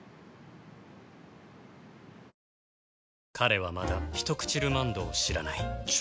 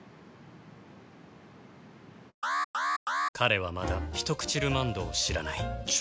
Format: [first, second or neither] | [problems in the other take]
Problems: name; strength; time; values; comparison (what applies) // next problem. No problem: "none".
first | background sound (Alarm); as loud as the speech